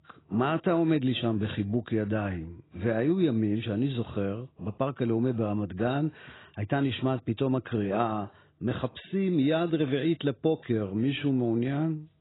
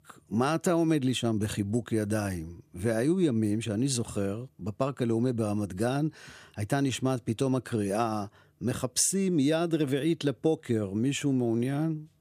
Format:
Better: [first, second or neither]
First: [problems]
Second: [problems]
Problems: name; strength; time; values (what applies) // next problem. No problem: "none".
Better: second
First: garbled, watery; badly; nothing above 4 kHz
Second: none